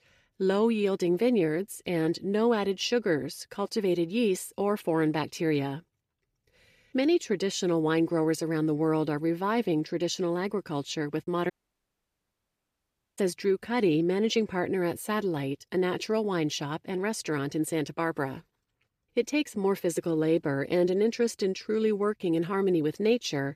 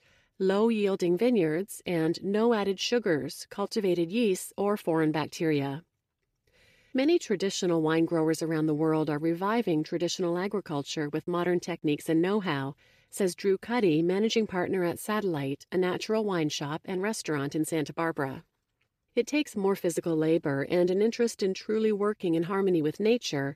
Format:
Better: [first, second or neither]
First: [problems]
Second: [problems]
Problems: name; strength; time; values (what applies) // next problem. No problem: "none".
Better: second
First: audio cutting out; at 12 s for 1.5 s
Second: none